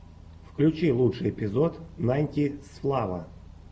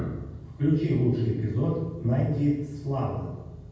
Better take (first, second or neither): first